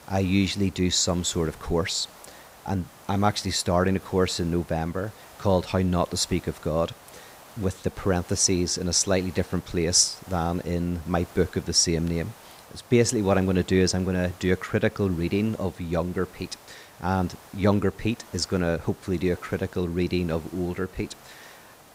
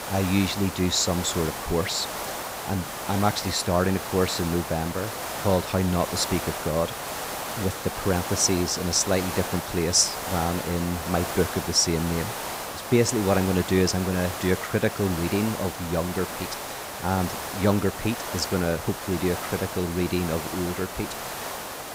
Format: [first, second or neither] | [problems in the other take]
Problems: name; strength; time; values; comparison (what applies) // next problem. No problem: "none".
first | hiss; loud; throughout; 6 dB below the speech; faint in the first